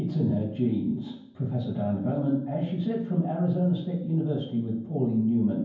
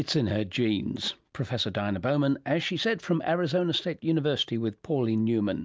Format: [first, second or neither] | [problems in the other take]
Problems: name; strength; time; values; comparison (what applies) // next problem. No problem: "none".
second | room echo; dies away in 0.9 s